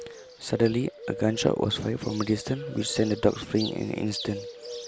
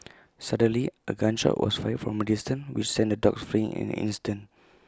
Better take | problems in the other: second | background sound (Bird); 12 dB below the speech

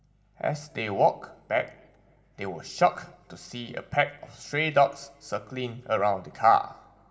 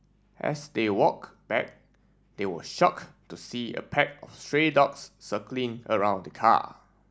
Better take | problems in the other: second | room echo; dies away in 0.5 s

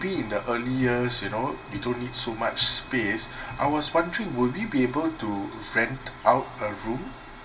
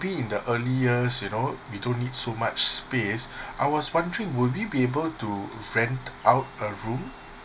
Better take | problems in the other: second | background sound (Clock); 19 dB below the speech // room echo; dies away in 1.5 s

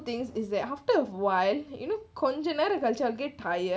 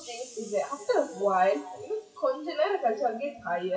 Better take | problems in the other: first | noise reduction (classical method WPE with log-MMSE)

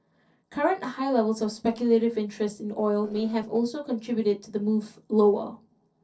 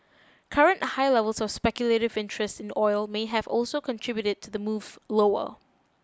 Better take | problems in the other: second | noise reduction (neural separator model SepFormer DNS4)

